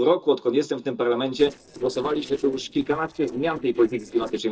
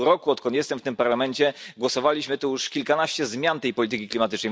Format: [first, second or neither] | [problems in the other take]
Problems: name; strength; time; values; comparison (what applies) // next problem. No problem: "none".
second | noise reduction (neural separator model SepFormer DNS4)